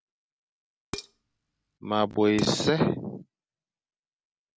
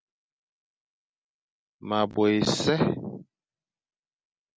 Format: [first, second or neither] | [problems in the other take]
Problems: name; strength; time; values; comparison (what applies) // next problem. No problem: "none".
second | background sound (Dishes, pots, and pans); 13 dB below the speech